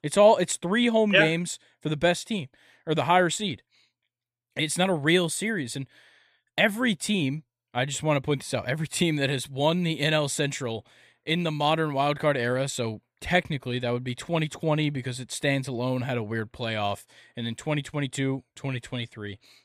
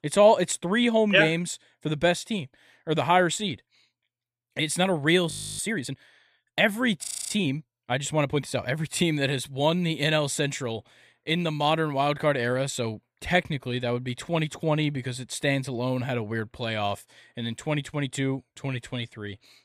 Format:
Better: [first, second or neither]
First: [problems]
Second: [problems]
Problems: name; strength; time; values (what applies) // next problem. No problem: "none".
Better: first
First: none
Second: audio freezing; at 5.5 s and at 7 s